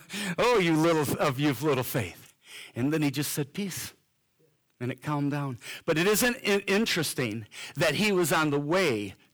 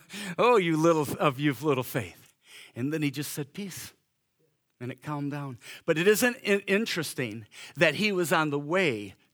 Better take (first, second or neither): second